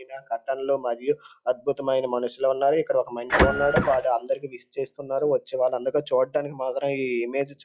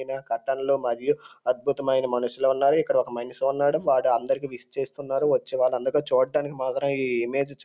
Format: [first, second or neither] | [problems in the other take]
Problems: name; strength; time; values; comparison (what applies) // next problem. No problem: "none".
second | noise reduction (classical method log-MMSE)